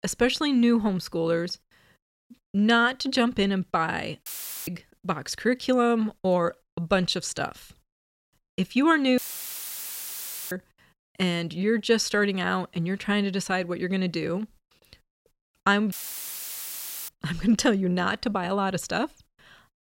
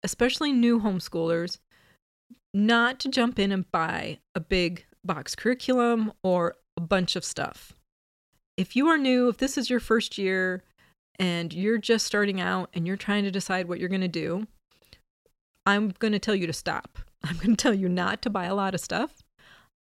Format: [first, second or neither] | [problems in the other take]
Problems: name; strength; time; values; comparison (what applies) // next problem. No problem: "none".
second | audio cutting out; filled with static; at 4.5 s, at 9 s for 1.5 s and at 16 s for 1 s